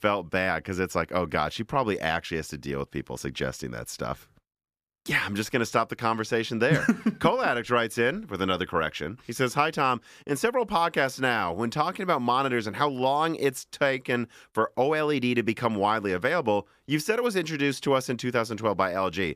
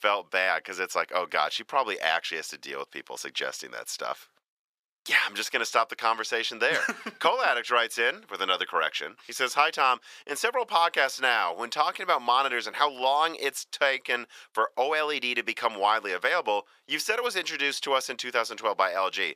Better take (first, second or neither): first